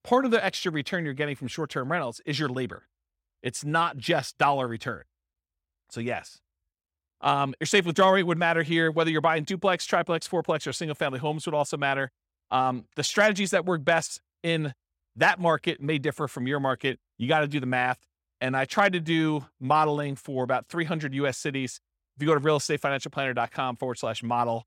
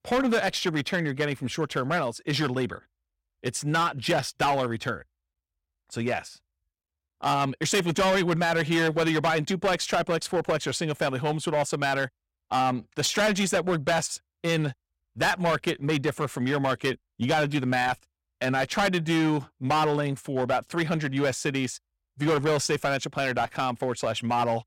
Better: first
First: none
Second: distortion; heavy; 10% of the sound clipped

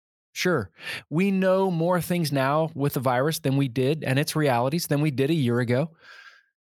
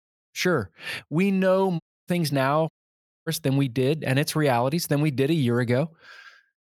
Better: first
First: none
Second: audio cutting out; at 2 s and at 2.5 s for 0.5 s

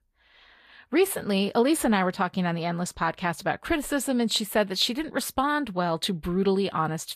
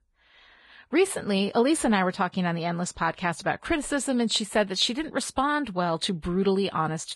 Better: first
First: garbled, watery; slightly; nothing above 14.5 kHz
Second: garbled, watery; badly; nothing above 11 kHz

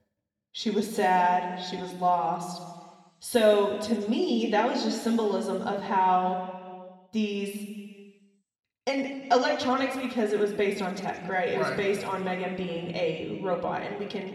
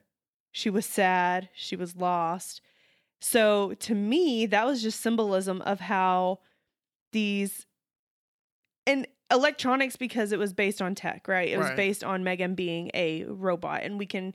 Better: second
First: room echo; noticeable; dies away in 1.7 s // off-mic speech; somewhat distant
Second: none

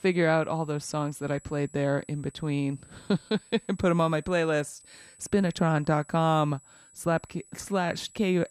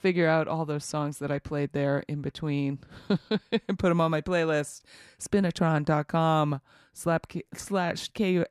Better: second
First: high-pitched whine; faint; throughout; 8 kHz, 25 dB below the speech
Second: none

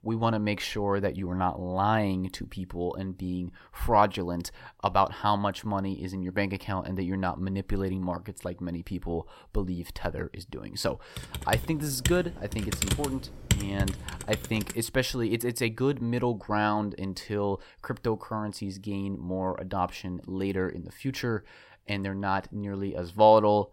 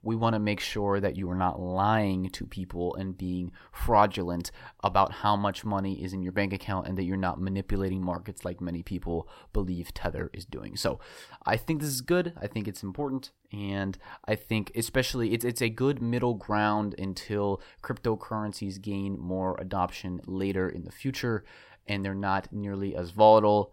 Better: second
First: keyboard typing; loud; from 11 to 15 s; peak 1 dB above the speech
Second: none

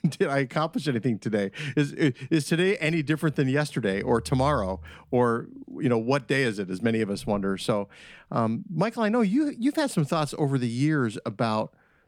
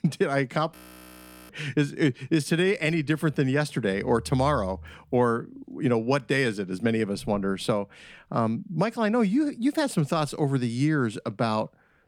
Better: first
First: none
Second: audio freezing; at 1 s for 0.5 s

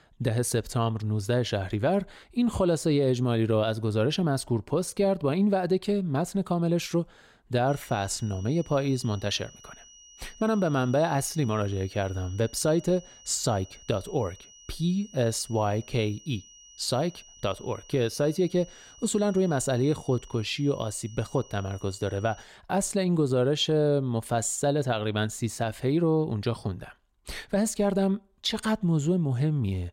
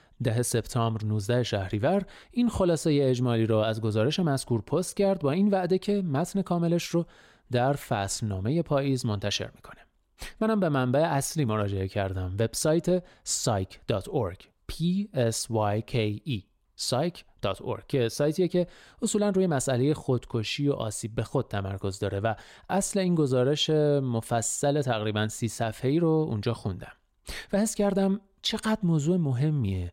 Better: second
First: high-pitched whine; faint; from 7.5 to 22 s; 6 kHz, 20 dB below the speech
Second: none

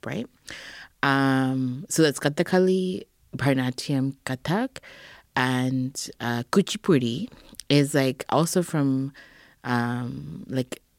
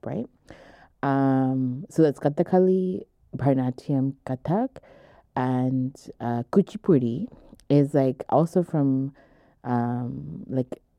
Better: first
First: none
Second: muffled; very; fading above 1.5 kHz

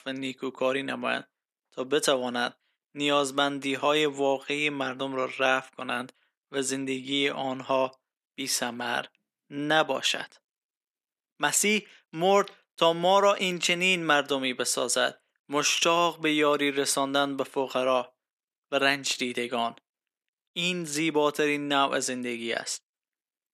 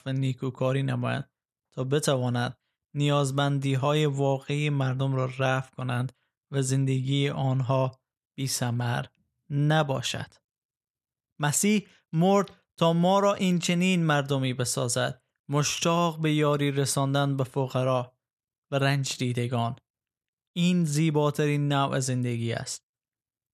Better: second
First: thin; somewhat; fading below 250 Hz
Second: none

